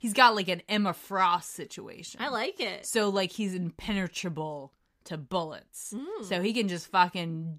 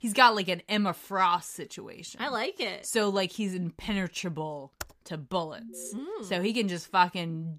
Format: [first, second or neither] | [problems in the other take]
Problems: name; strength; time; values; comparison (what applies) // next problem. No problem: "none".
first | keyboard typing; very faint; at 5 s; peak 15 dB below the speech // alarm; faint; at 5.5 s; peak 15 dB below the speech